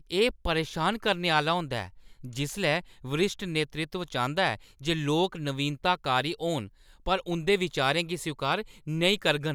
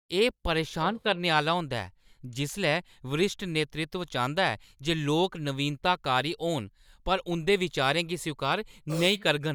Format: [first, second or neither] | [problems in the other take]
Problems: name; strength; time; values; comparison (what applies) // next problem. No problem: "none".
first | noise reduction (neural mask model DeepFilterNet 3)